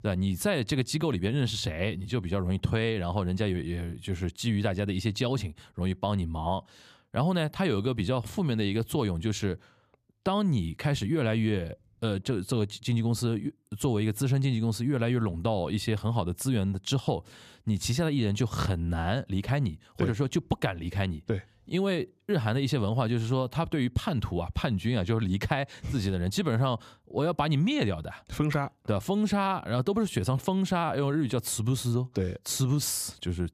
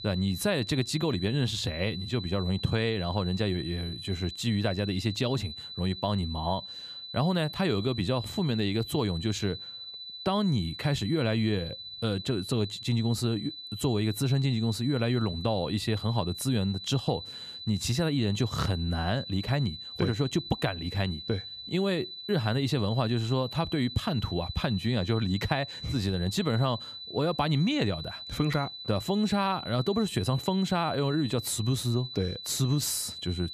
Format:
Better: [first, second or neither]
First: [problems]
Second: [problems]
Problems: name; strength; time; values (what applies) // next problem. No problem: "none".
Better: first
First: none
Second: high-pitched whine; loud; throughout; 4 kHz, 9 dB below the speech